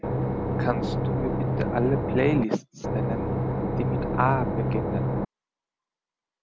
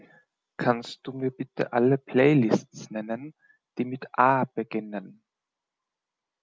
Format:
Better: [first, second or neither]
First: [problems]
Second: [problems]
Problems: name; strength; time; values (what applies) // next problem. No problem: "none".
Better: second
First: background sound (Engine / Boat, Water vehicle); 4 dB above the speech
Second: none